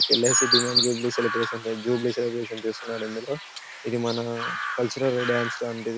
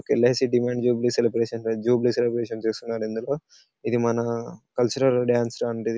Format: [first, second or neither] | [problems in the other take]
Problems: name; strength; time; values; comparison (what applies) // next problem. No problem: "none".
second | background sound (Chirp, tweet); 1 dB below the speech